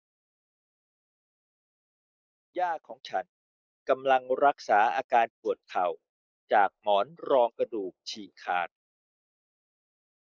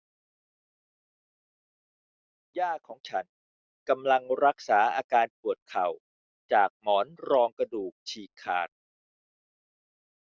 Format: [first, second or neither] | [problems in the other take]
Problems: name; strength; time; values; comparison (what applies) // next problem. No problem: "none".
second | noise reduction (neural mask model Resemble Enhance denoiser)